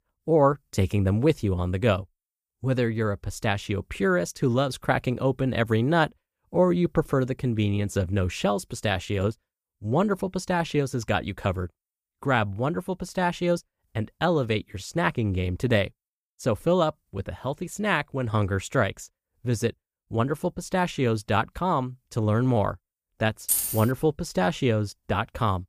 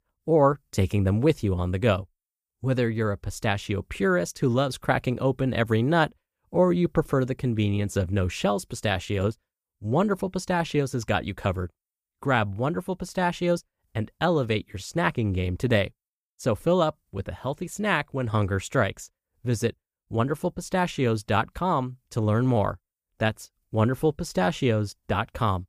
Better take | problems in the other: second | jangling keys; loud; at 23 s; peak 2 dB above the speech

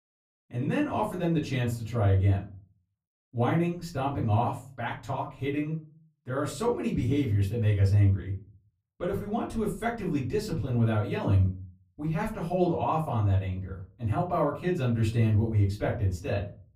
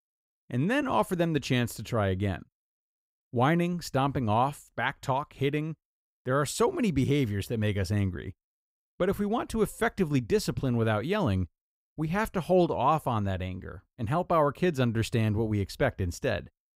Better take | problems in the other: second | off-mic speech; far // room echo; slight; dies away in 0.3 s

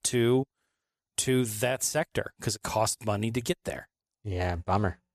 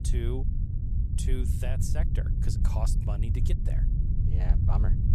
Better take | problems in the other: first | low rumble; loud; throughout; 2 dB below the speech

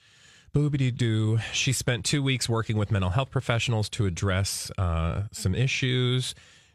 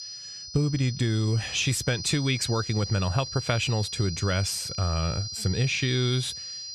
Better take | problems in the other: first | high-pitched whine; loud; throughout; 5 kHz, 8 dB below the speech

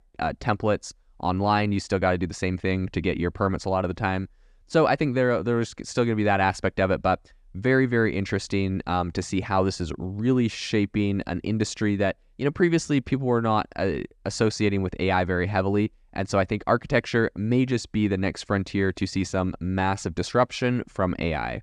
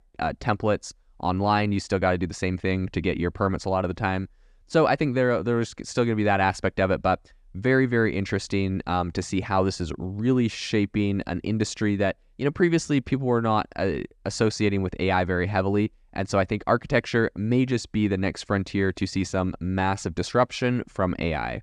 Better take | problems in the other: neither | none

